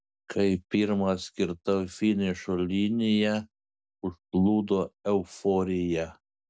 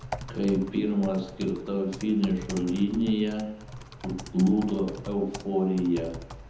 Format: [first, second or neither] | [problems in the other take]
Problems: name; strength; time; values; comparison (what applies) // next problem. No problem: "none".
first | background sound (Typing); 13 dB below the speech // room echo; dies away in 0.8 s